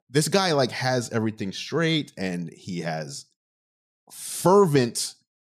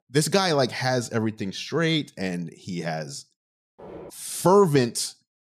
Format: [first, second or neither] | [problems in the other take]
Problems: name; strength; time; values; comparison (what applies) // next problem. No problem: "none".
first | footsteps; faint; at 4 s; peak 20 dB below the speech